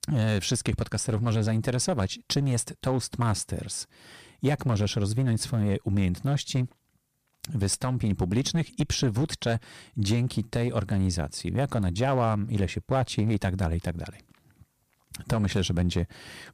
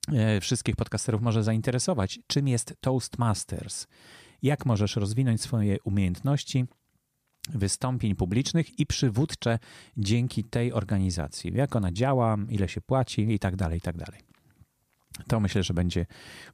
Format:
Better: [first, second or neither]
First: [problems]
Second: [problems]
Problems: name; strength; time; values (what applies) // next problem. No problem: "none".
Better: second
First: distortion; slight; 6% of the sound clipped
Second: none